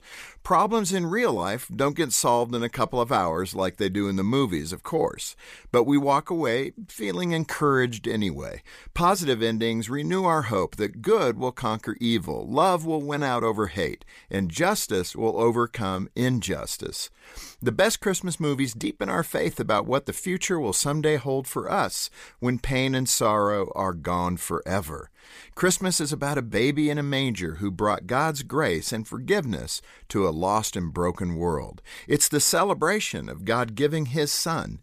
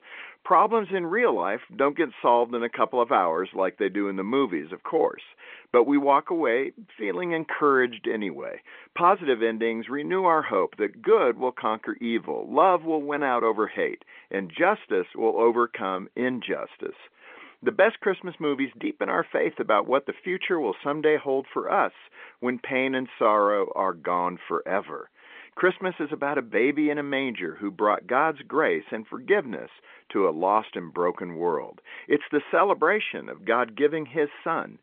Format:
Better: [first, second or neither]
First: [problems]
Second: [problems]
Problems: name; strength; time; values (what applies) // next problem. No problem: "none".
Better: first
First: none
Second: phone-call audio; nothing above 3.5 kHz